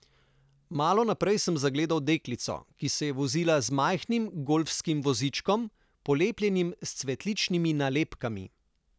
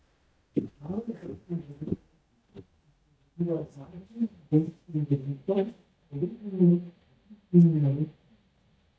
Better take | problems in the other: first | noise reduction (neural mask model DeepFilterNet 3)

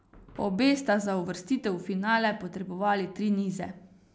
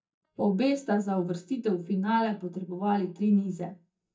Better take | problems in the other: first | noise reduction (neural mask model DeepFilterNet 3)

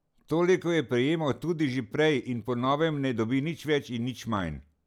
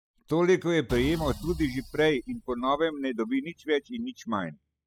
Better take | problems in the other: first | noise reduction (classical method spectral subtraction)

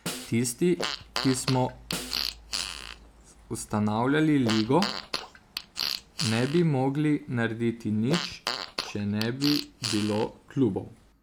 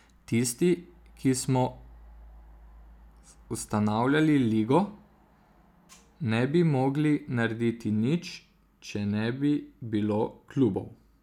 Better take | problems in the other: second | background sound (Fart + Snare drum); 8 dB below the speech

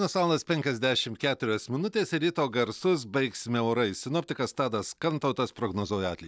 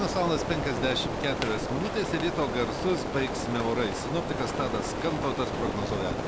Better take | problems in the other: first | background sound (Rain); 1 dB below the speech

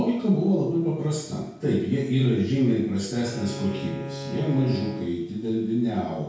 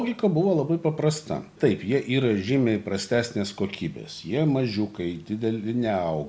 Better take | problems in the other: second | background sound (Bowed string instrument); 12 dB below the speech // room echo; dies away in 0.6 s

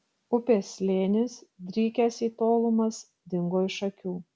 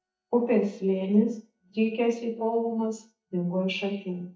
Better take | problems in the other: first | noise reduction (neural mask model DeepFilterNet 3)

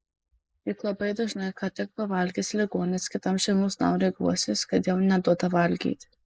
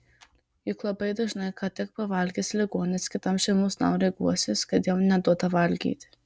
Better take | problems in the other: second | noise reduction (neural mask model Resemble Enhance denoiser)

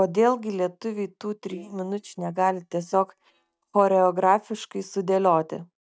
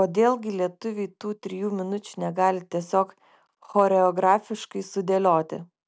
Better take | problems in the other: second | noise reduction (neural mask model DeepFilterNet 3)

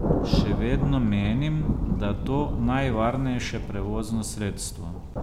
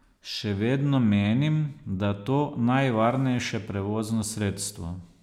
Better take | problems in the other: second | background sound (Thunder); 1 dB below the speech

